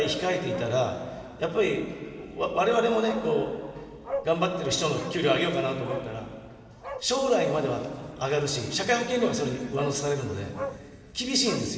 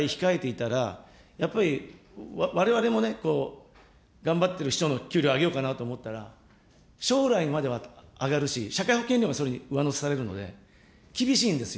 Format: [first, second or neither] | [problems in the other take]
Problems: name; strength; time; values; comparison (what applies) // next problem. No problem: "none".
second | background sound (Bark); 15 dB below the speech // room echo; dies away in 2.7 s